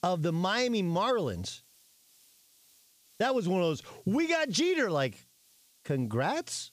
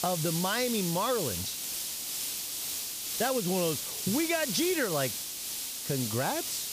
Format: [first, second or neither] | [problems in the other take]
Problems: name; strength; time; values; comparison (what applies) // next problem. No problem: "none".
first | hiss; loud; throughout; 2 dB below the speech; faint in the first